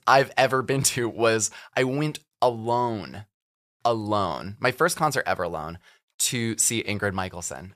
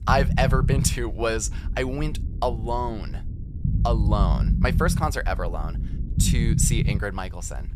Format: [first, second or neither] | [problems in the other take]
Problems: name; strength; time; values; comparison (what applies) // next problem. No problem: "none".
first | low rumble; noticeable; throughout; 10 dB below the speech